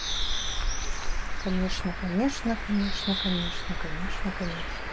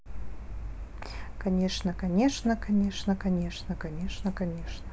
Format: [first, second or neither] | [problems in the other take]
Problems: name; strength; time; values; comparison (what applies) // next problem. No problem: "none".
second | background sound (Bird); 1 dB above the speech